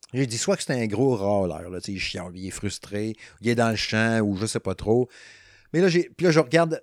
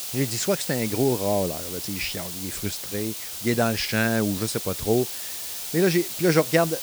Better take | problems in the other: first | hiss; loud; throughout; 5 dB below the speech

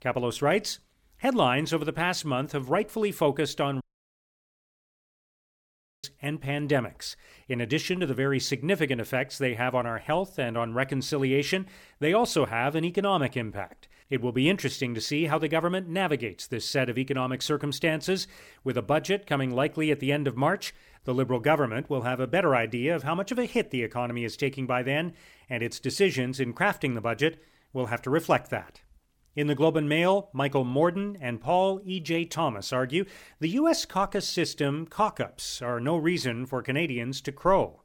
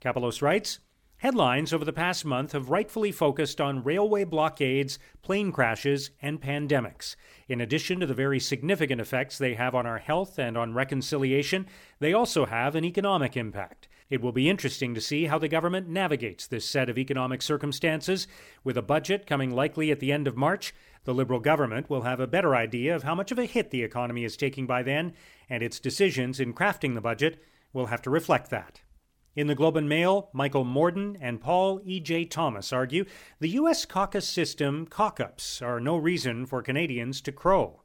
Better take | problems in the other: second | audio cutting out; at 4 s for 2 s

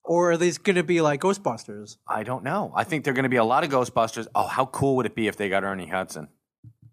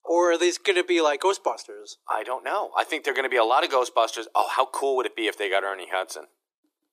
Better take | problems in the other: first | thin; very; fading below 350 Hz

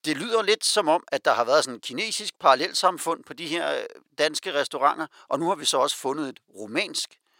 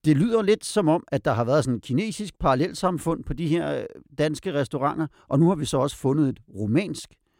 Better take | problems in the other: second | thin; very; fading below 700 Hz

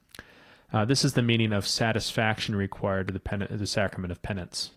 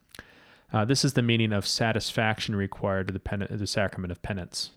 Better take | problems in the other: second | garbled, watery; slightly; nothing above 14.5 kHz

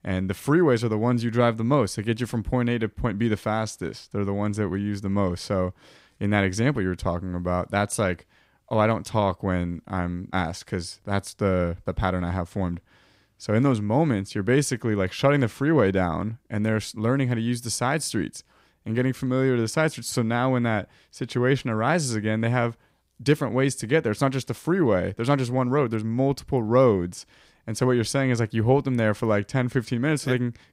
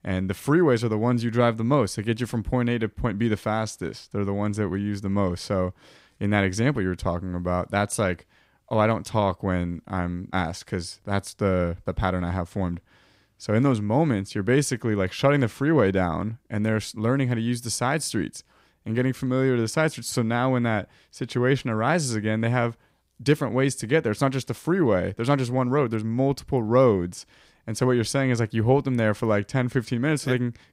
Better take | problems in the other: neither | none

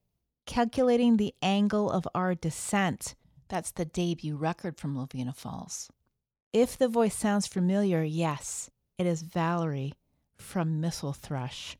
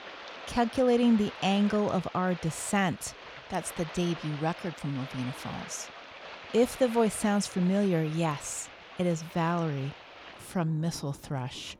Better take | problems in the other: first | rain or running water; noticeable; throughout; 15 dB below the speech

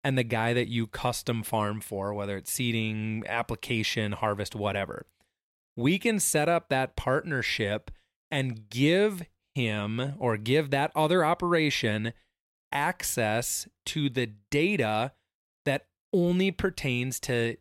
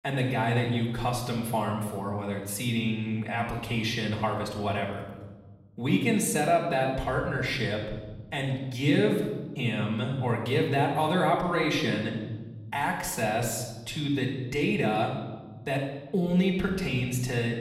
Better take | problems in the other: first | off-mic speech; far // room echo; noticeable; dies away in 1.3 s

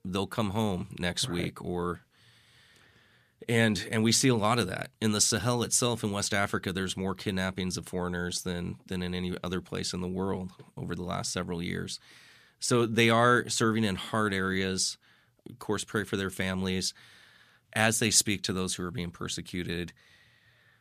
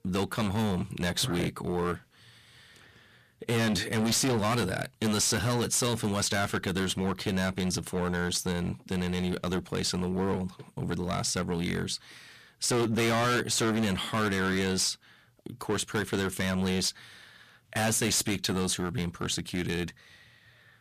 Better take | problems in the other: first | distortion; heavy; 14% of the sound clipped

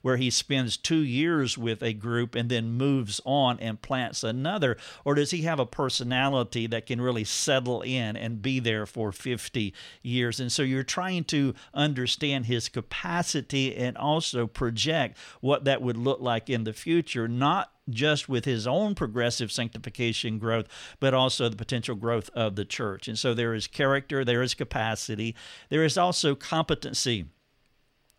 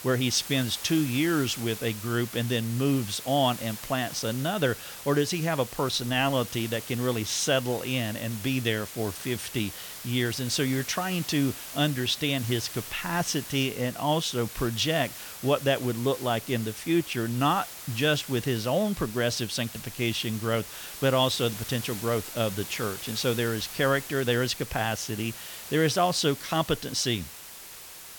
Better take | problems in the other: first | hiss; noticeable; throughout; 10 dB below the speech

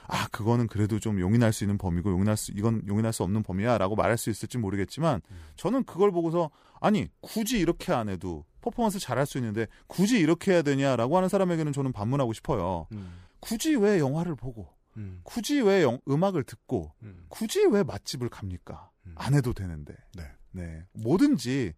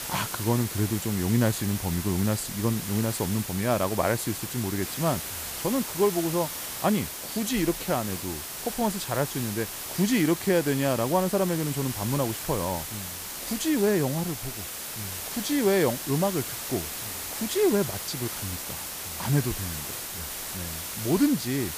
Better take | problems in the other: first | hiss; loud; throughout; 5 dB below the speech

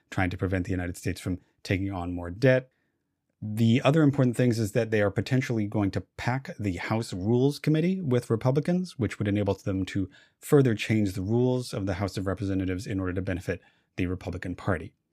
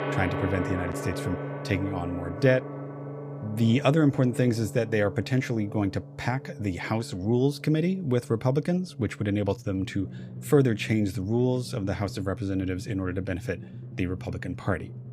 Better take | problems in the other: first | background music; noticeable; throughout; 10 dB below the speech

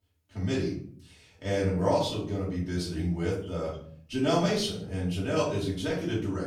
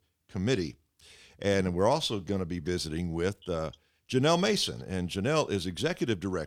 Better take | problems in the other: second | off-mic speech; far // room echo; noticeable; dies away in 0.5 s

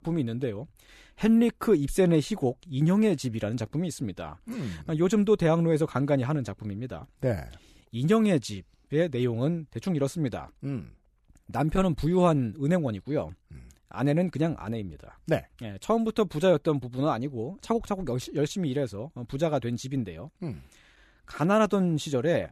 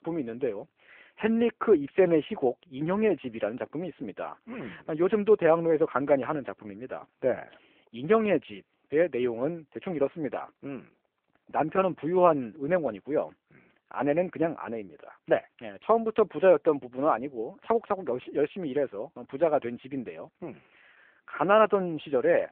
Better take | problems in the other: first | phone-call audio

